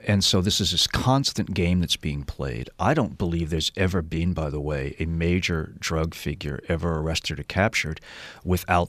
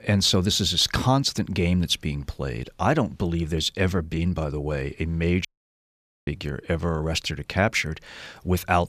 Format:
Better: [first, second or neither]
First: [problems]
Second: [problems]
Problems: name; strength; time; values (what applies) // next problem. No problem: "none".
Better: first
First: none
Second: audio cutting out; at 5.5 s for 1 s